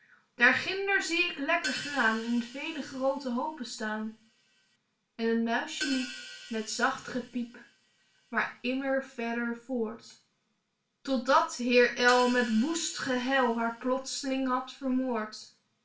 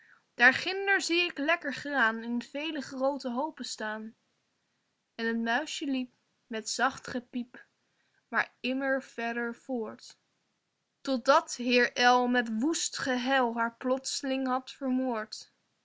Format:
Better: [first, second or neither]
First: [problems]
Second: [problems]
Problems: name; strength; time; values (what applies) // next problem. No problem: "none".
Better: second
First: background sound (Hi-hat); 14 dB below the speech // room echo; dies away in 0.3 s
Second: none